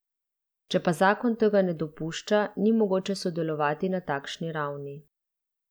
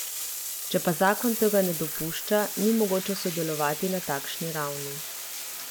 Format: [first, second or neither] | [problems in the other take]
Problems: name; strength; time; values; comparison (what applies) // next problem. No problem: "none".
first | background sound (Bathtub (filling or washing)); 6 dB below the speech